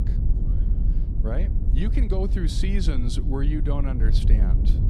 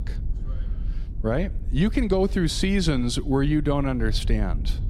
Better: second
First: low rumble; loud; throughout; 6 dB below the speech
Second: low rumble; faint; throughout; 20 dB below the speech

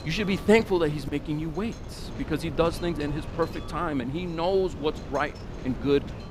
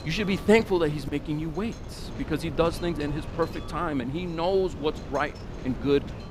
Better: neither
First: wind noise on the microphone; occasional gusts; 15 dB below the speech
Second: wind noise on the microphone; occasional gusts; 15 dB below the speech

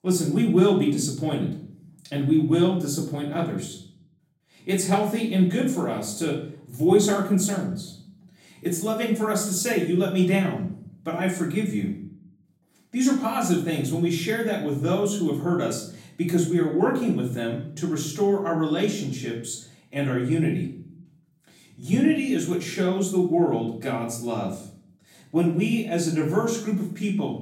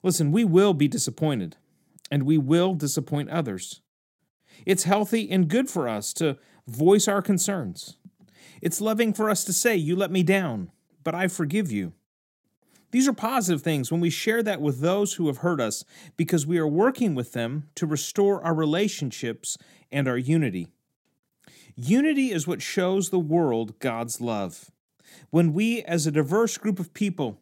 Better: second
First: off-mic speech; far // room echo; slight; dies away in 0.5 s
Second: none

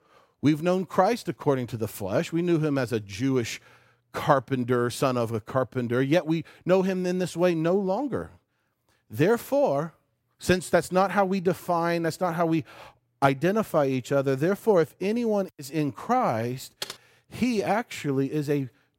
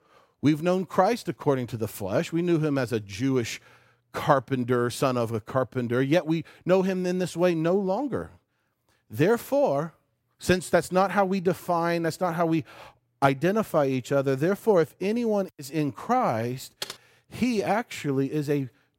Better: neither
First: keyboard typing; faint; at 17 s; peak 10 dB below the speech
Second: keyboard typing; faint; at 17 s; peak 10 dB below the speech

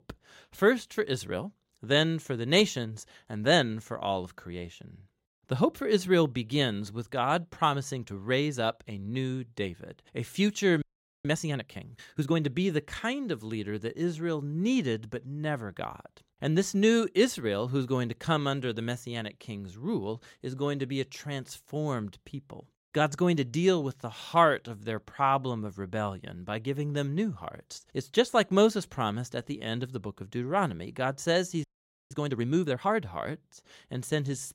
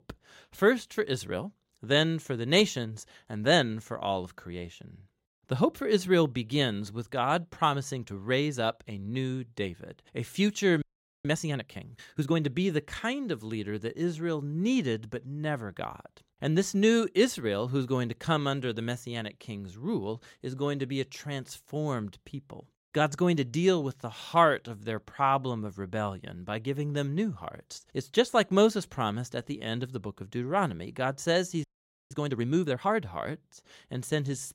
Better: neither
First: audio freezing; at 11 s and at 32 s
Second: audio freezing; at 11 s and at 32 s

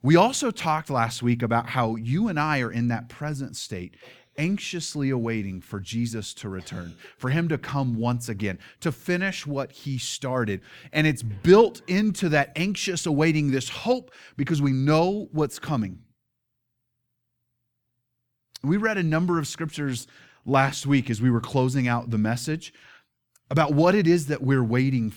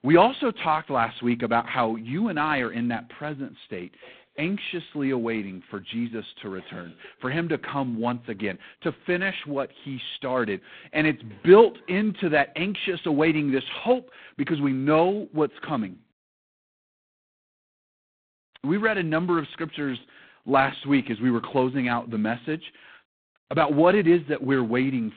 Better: first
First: none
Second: phone-call audio; poor line; nothing above 4 kHz

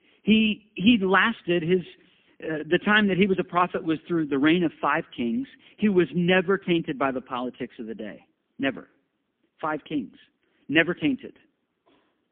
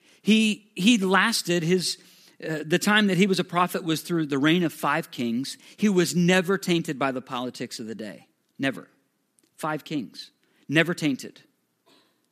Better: second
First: phone-call audio; poor line; nothing above 3.5 kHz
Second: none

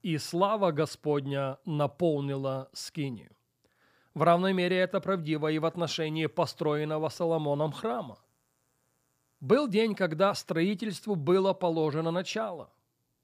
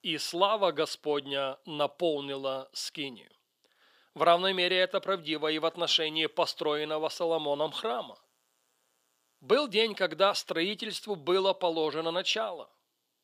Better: first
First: none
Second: thin; somewhat; fading below 400 Hz

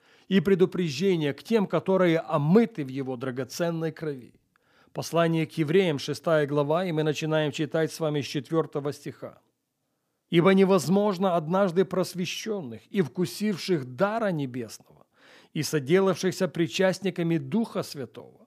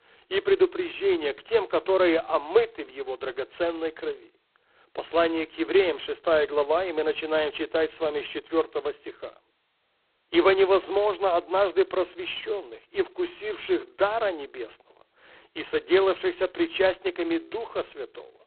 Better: first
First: none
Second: phone-call audio; poor line; nothing above 4 kHz

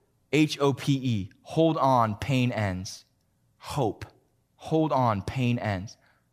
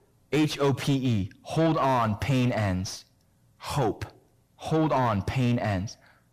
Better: first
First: none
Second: distortion; heavy; 7 dB below the speech

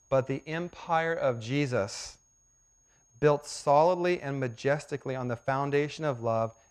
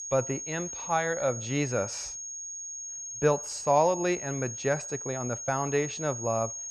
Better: first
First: high-pitched whine; faint; throughout; 6.5 kHz, 35 dB below the speech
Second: high-pitched whine; loud; throughout; 6.5 kHz, 6 dB below the speech

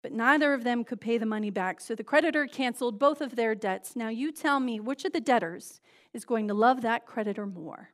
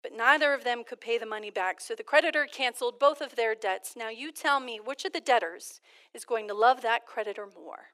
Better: first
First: none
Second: thin; very; fading below 400 Hz

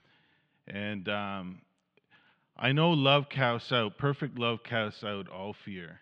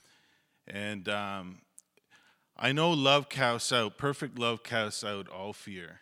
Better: second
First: muffled; slightly; fading above 3 kHz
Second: none

